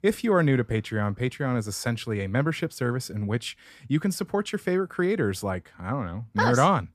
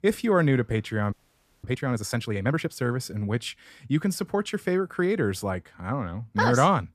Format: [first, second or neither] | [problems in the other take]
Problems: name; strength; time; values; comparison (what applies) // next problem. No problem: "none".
first | audio freezing; at 1 s for 0.5 s